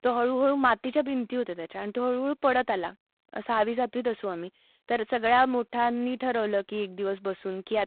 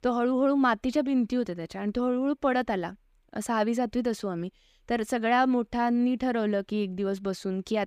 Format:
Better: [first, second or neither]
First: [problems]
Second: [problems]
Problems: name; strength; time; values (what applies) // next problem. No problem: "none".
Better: second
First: phone-call audio; poor line; nothing above 3.5 kHz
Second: none